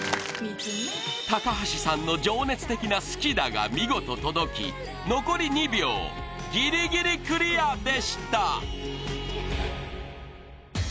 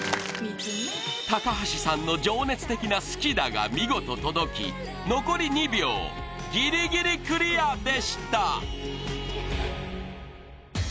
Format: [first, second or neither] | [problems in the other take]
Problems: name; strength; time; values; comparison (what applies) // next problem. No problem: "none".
first | background sound (Bowed string instrument); 20 dB below the speech